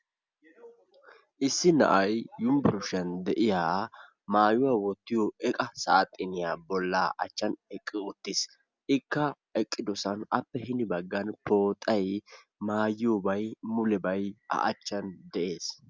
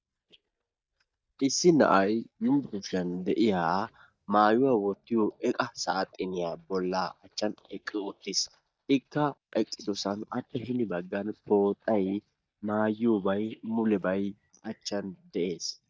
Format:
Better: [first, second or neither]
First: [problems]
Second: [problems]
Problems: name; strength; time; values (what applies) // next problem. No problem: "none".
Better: first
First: none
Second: noise reduction (neural mask model DeepFilterNet 3)